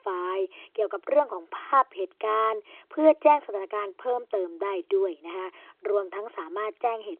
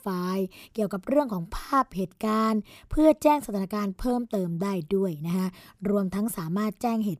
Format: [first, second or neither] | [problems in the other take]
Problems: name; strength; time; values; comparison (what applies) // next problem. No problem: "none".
second | phone-call audio